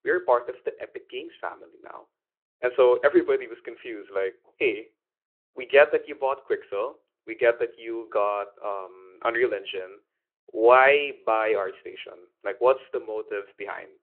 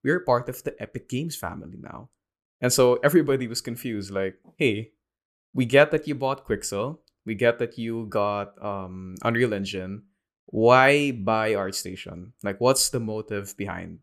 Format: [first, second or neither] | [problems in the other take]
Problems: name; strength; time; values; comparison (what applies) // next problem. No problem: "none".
second | phone-call audio